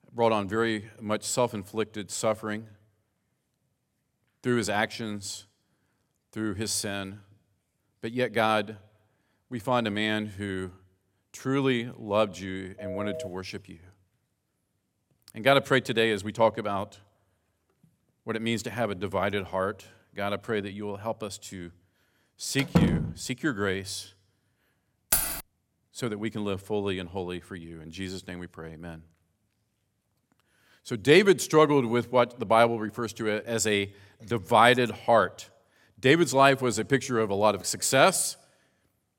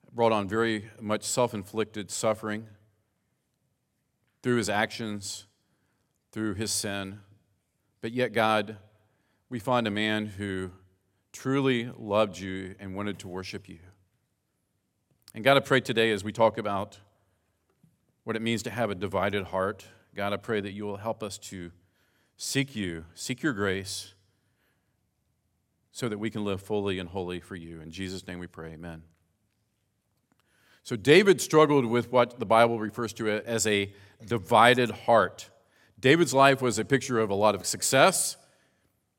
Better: second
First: phone ringing; noticeable; at 13 s; peak 9 dB below the speech // door banging; loud; at 23 s; peak 3 dB above the speech // jangling keys; loud; at 25 s; peak 2 dB above the speech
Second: none

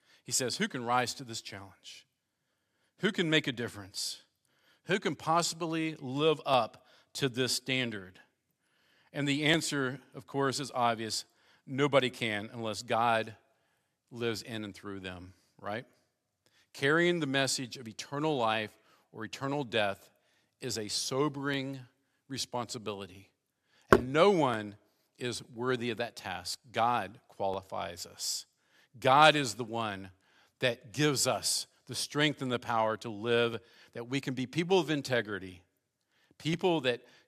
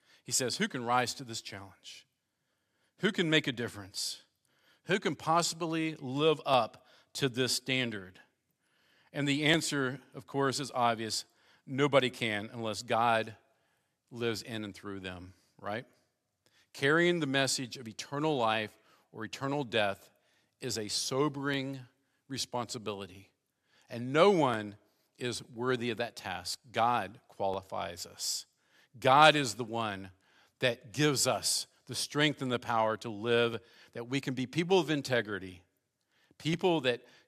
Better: second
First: door banging; loud; at 24 s; peak 5 dB above the speech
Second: none

